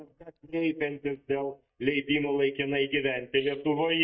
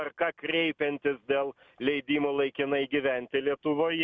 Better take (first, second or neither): second